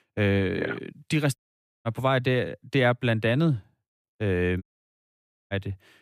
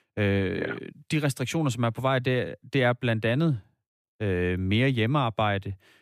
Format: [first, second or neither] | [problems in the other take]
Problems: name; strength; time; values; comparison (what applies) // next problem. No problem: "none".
second | audio cutting out; at 1.5 s and at 4.5 s for 1 s